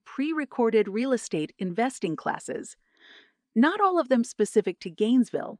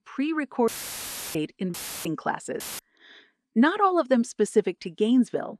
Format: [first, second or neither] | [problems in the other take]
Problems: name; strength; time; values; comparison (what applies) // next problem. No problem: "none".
first | audio cutting out; filled with static; at 0.5 s for 0.5 s, at 1.5 s and at 2.5 s